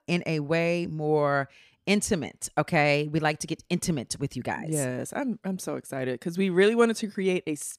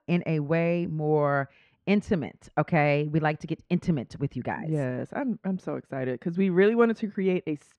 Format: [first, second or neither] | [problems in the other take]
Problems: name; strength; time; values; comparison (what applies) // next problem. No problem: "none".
first | muffled; very; fading above 2 kHz